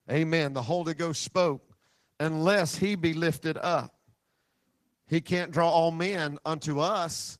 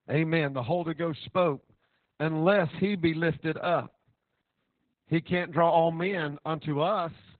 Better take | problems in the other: first | garbled, watery; badly; nothing above 4 kHz; slightly in the first

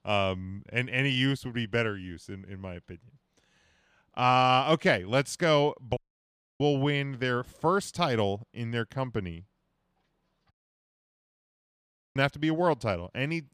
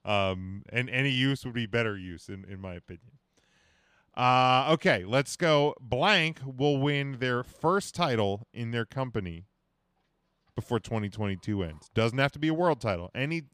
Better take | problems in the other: second | audio cutting out; at 6 s for 0.5 s and at 11 s for 1.5 s

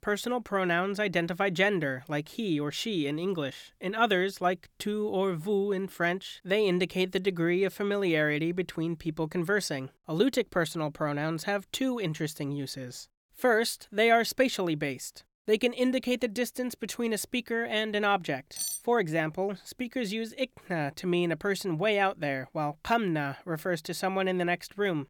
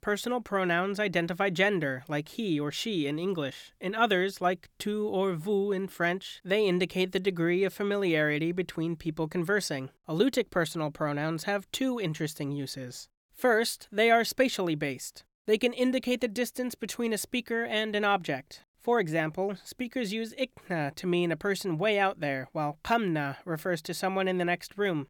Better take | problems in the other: second | clattering dishes; noticeable; at 19 s; peak 4 dB below the speech

